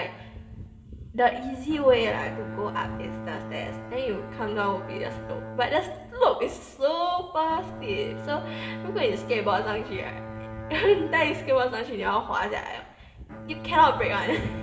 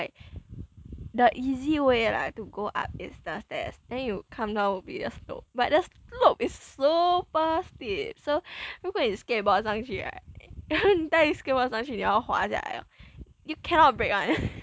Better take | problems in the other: second | background sound (Bowed string instrument); 12 dB below the speech // room echo; dies away in 1.6 s

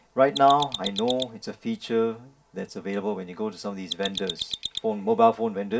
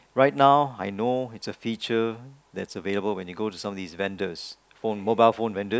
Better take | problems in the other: second | background sound (Mechanisms); 8 dB below the speech // room echo; dies away in 0.2 s

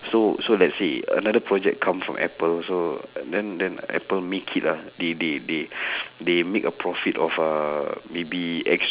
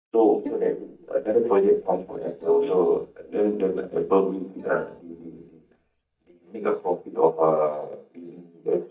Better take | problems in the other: first | noise reduction (neural mask model DeepFilterNet 3)

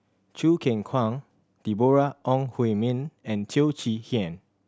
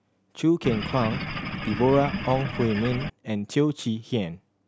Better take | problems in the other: first | background sound (Engine / Boat, Water vehicle); 6 dB below the speech

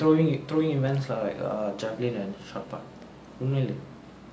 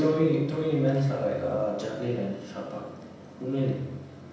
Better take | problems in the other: first | room echo; dies away in 0.9 s

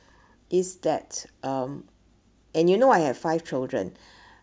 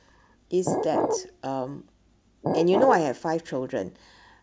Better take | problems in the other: first | background sound (Glass); 1 dB below the speech

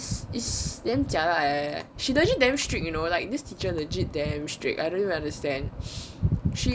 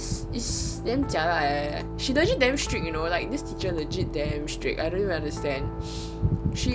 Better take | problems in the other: first | background sound (Piano); 7 dB below the speech

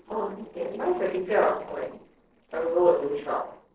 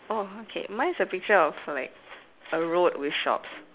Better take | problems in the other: second | noise reduction (neural separator model SepFormer DNS4)

